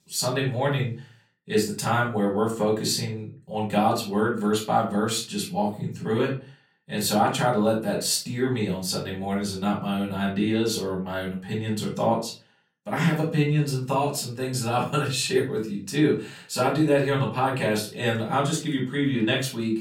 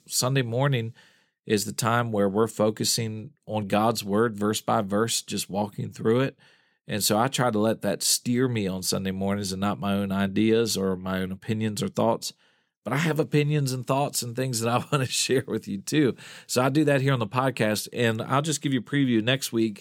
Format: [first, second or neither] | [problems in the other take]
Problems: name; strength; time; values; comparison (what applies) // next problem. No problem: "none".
second | off-mic speech; far // room echo; slight; dies away in 0.3 s